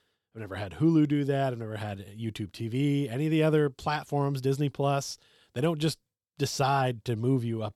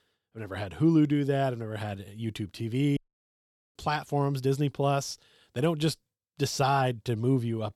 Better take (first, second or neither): first